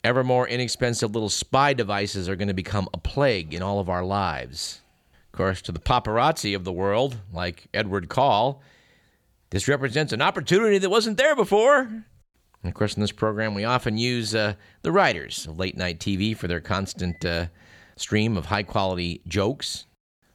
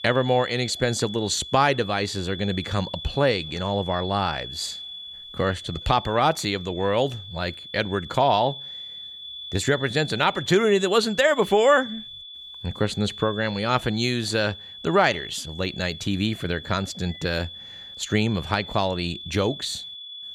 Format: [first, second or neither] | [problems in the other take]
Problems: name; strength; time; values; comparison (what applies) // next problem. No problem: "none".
first | high-pitched whine; noticeable; throughout; 3.5 kHz, 10 dB below the speech